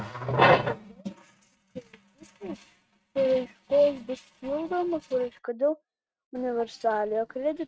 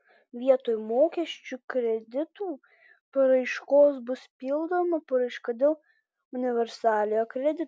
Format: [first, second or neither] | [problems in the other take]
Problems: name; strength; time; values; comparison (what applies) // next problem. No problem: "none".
second | noise reduction (neural mask model RNNoise)